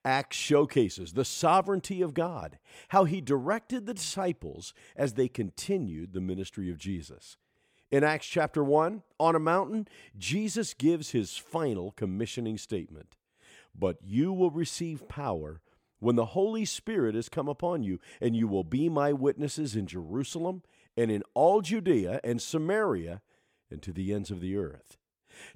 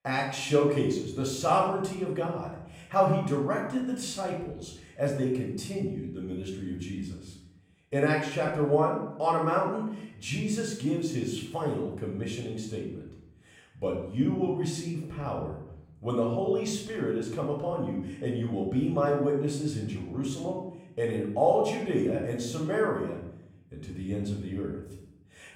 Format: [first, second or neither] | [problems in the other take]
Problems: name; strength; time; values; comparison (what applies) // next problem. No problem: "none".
first | off-mic speech; far // room echo; noticeable; dies away in 0.7 s